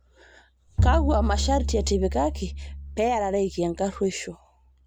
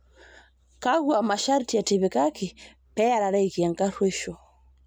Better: second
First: background sound (Bowed string instrument); as loud as the speech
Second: none

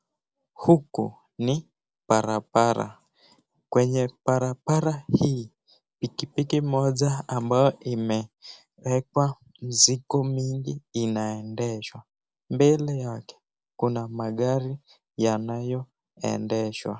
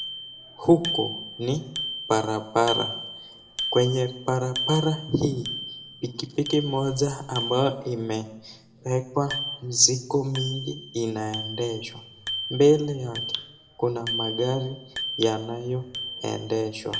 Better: first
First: none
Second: background sound (Bicycle bell); 9 dB below the speech // room echo; dies away in 0.6 s

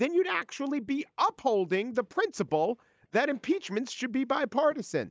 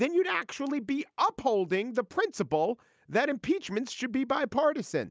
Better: second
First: noise reduction (neural mask model DeepFilterNet 3)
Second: none

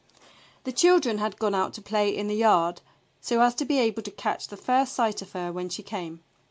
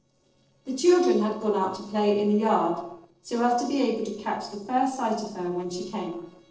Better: first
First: none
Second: noise reduction (neural separator model SepFormer DNS4)

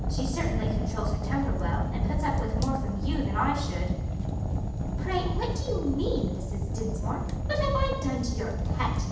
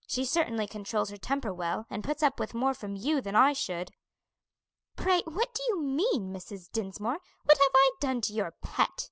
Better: second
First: background sound (Fire); 4 dB above the speech // room echo; dies away in 0.9 s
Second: none

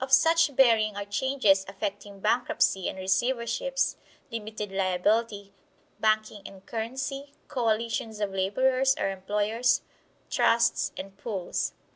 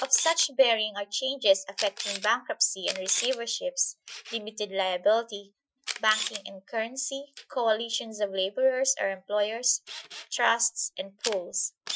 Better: first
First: none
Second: noise reduction (classical method Wiener filter)

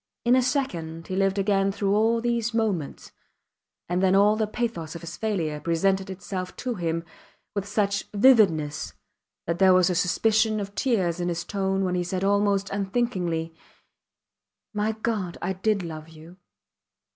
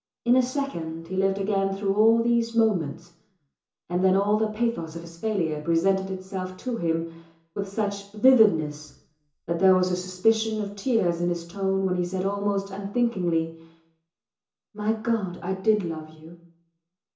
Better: first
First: none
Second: room echo; dies away in 0.7 s

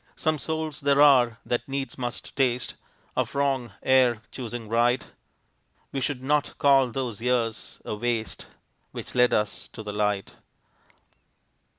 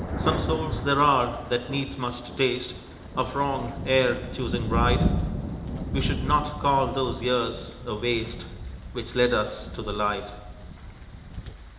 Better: first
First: none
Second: background sound (Thunder); 4 dB below the speech // room echo; dies away in 0.8 s

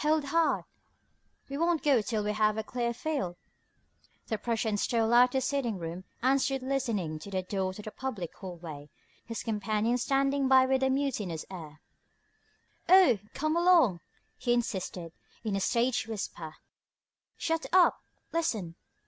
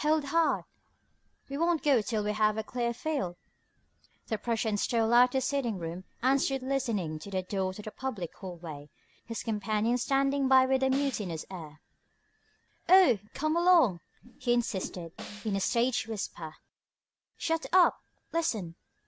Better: first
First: none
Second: background sound (Whoosh, swoosh, swish + Snare drum); 18 dB below the speech

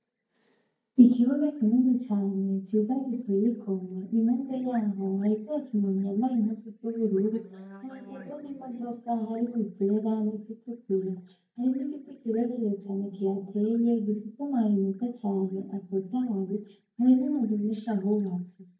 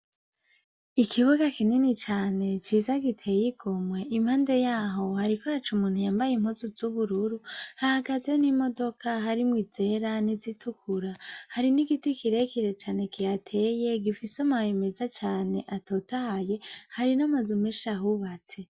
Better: second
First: noise reduction (neural mask model DeepFilterNet 3)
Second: none

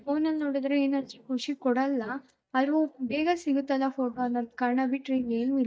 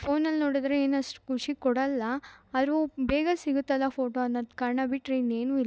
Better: second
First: noise reduction (neural mask model DeepFilterNet 3)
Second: none

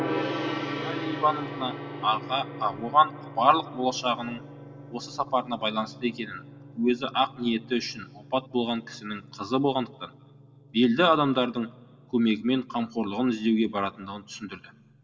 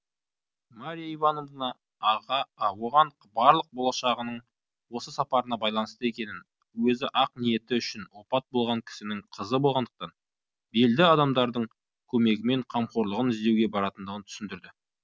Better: second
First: background sound (Gong); 11 dB below the speech // room echo; dies away in 0.4 s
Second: none

